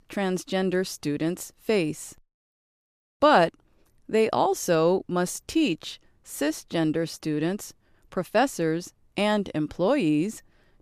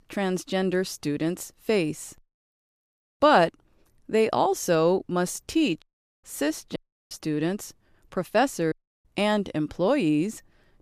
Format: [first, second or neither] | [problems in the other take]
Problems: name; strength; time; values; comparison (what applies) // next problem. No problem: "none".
first | audio cutting out; at 6 s, at 7 s and at 8.5 s